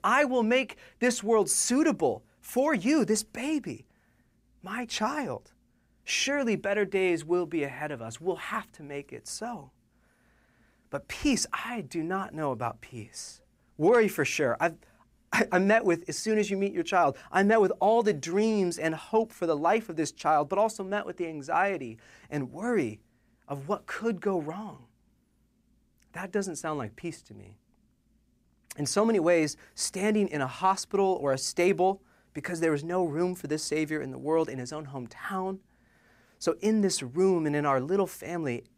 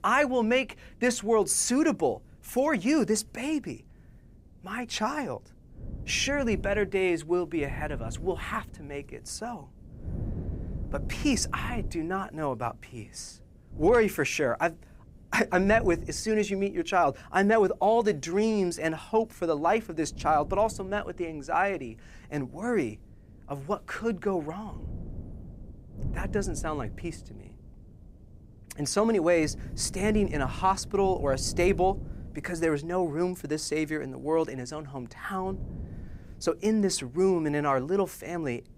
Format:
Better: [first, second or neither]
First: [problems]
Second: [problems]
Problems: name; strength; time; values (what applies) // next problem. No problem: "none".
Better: first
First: none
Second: wind noise on the microphone; occasional gusts; 25 dB below the speech